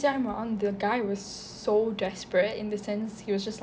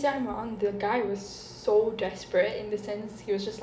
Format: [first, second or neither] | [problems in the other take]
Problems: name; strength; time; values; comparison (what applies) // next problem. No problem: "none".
first | room echo; dies away in 0.9 s